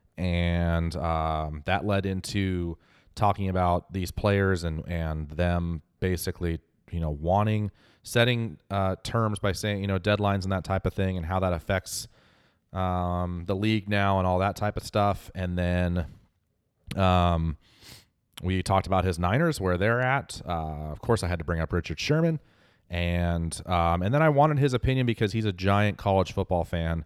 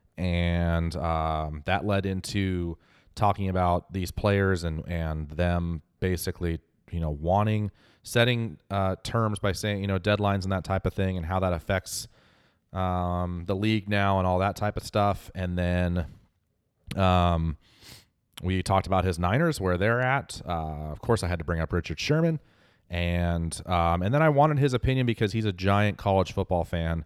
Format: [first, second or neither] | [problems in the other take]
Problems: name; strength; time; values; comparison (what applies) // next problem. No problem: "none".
neither | none